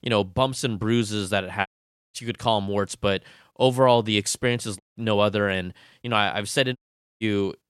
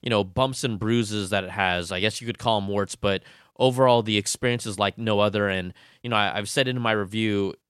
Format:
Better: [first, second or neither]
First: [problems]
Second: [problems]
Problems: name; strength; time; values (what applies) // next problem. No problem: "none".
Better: second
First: audio cutting out; at 1.5 s, at 5 s and at 7 s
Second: none